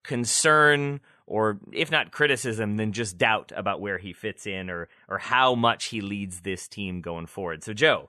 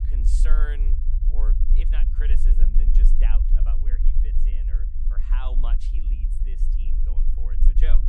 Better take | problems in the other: first | low rumble; loud; throughout; 5 dB below the speech

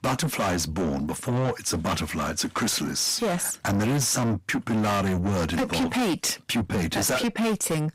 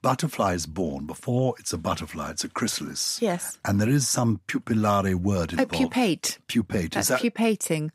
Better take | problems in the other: second | distortion; heavy; 6 dB below the speech

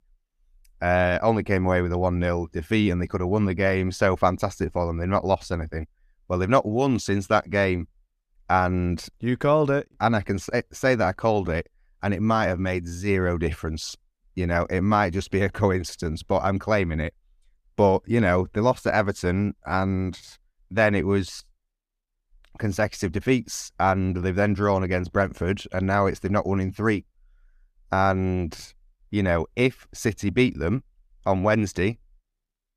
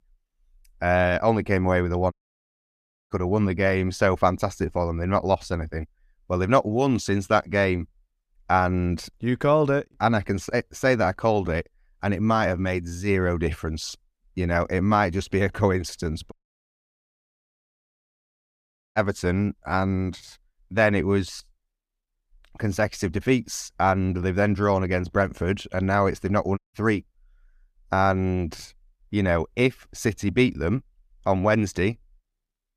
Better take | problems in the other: first | audio cutting out; at 2 s for 1 s, at 16 s for 2.5 s and at 27 s

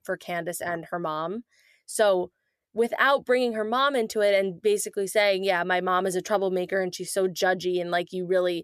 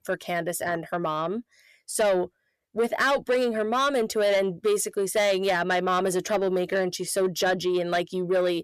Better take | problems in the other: first | distortion; slight; 10 dB below the speech

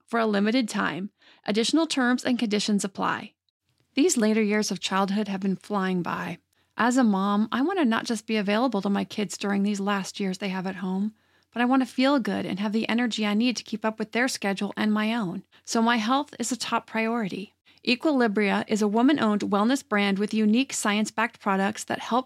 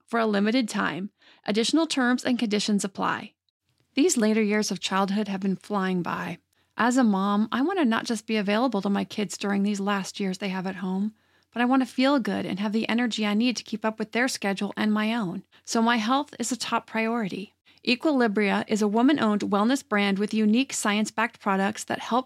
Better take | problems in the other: neither | none

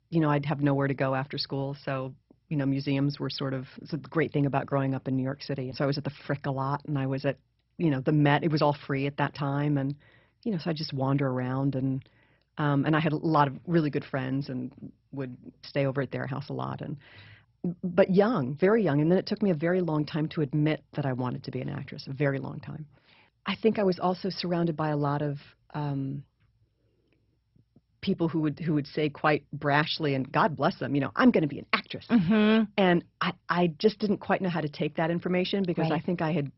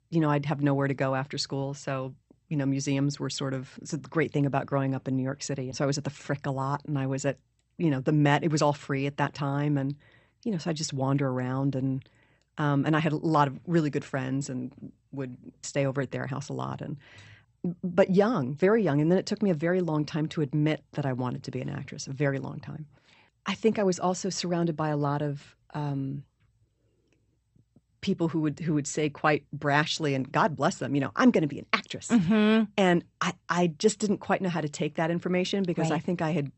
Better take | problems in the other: second | garbled, watery; badly; nothing above 5.5 kHz; slightly in the second

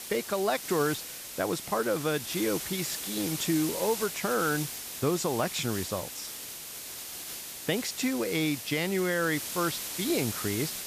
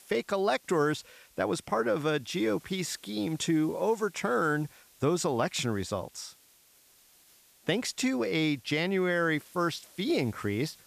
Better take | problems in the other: second | hiss; loud; throughout; 5 dB below the speech; faint in the second

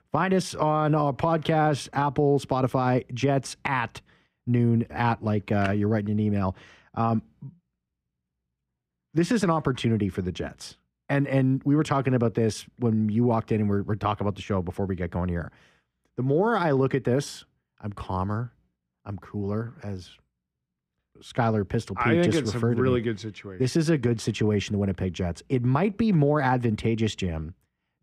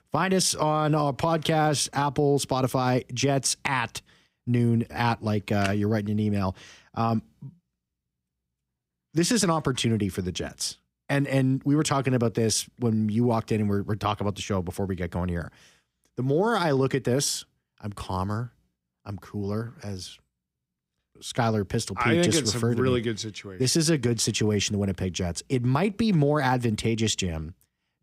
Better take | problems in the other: second | muffled; slightly; fading above 3.5 kHz

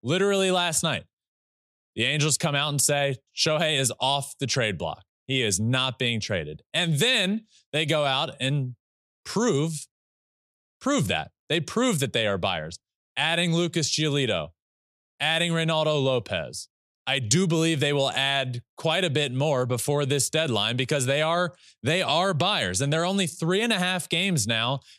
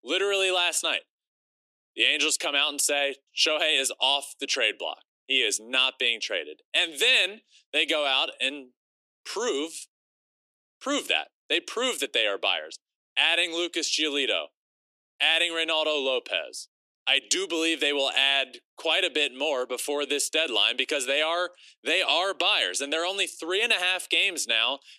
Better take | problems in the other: first | thin; somewhat; fading below 300 Hz

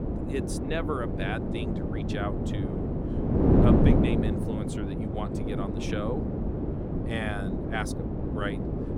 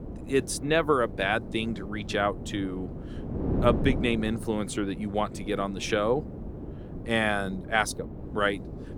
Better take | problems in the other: second | wind noise on the microphone; heavy; 2 dB above the speech; occasional gusts in the second

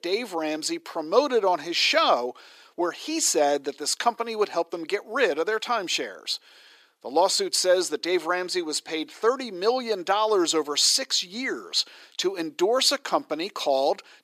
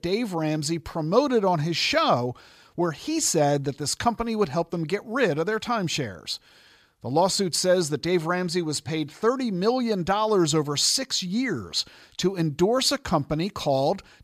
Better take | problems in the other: second | thin; somewhat; fading below 300 Hz

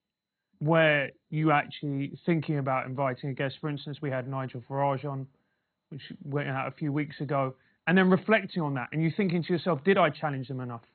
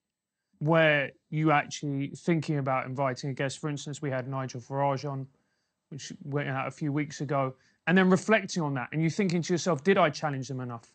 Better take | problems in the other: second | garbled, watery; badly; nothing above 4 kHz; slightly in the second

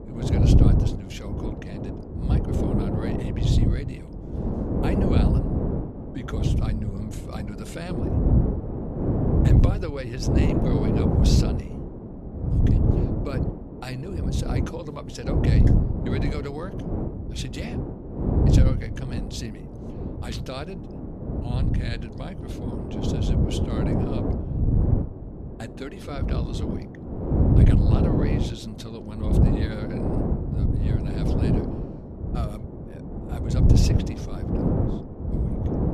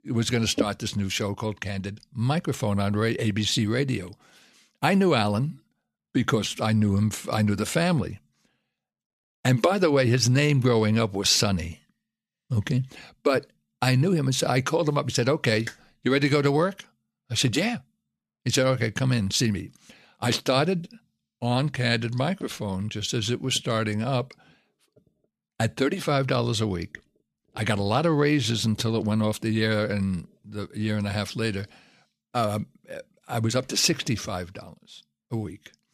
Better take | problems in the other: second | wind noise on the microphone; heavy; 5 dB above the speech

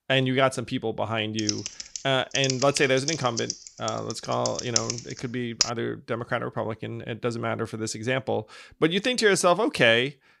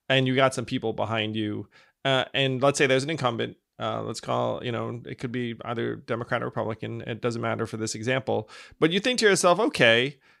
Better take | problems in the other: second | keyboard typing; loud; from 1.5 to 5.5 s; peak level with the speech

